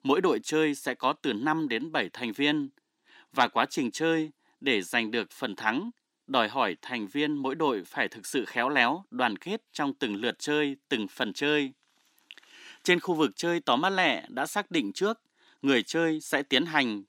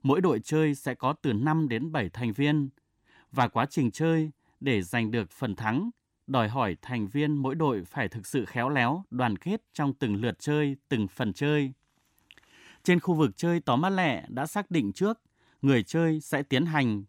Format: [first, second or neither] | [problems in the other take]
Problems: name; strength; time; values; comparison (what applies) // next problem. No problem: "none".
second | thin; very slightly; fading below 250 Hz